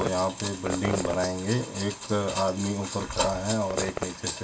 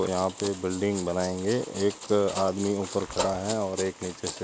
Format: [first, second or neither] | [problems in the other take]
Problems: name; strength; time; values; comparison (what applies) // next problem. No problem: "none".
second | background sound (Fireworks); 9 dB below the speech // room echo; dies away in 0.2 s